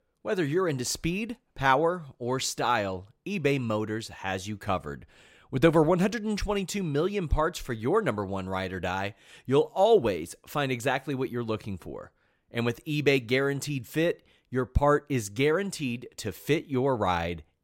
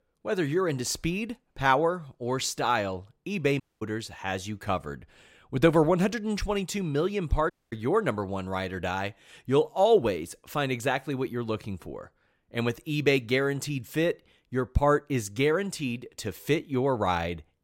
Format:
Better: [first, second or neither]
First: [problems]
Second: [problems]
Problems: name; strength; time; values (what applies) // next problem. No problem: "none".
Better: first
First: none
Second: audio cutting out; at 3.5 s and at 7.5 s